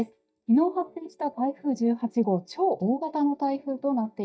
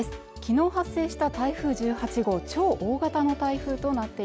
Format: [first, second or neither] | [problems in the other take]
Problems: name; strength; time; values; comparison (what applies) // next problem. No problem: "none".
second | noise reduction (neural mask model DeepFilterNet 3)